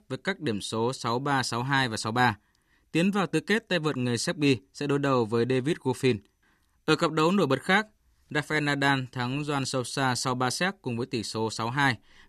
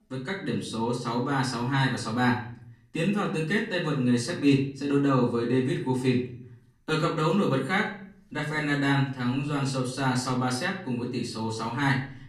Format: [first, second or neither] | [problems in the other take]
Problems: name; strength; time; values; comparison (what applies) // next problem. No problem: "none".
first | off-mic speech; far // room echo; slight; dies away in 0.5 s